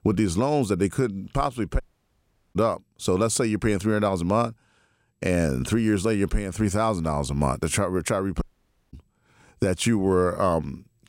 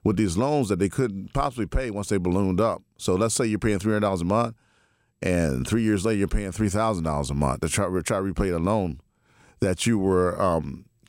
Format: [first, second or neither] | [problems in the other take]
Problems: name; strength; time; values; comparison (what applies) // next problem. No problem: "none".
second | audio cutting out; at 2 s for 0.5 s and at 8.5 s for 0.5 s